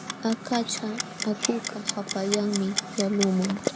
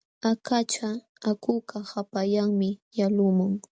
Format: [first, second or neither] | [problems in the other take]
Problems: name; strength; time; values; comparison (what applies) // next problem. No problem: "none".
second | background sound (Clock); 5 dB below the speech